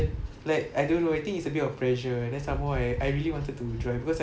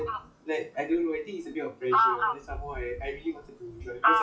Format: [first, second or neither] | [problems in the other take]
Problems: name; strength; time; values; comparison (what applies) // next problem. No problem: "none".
first | noise reduction (classical method WPE with log-MMSE)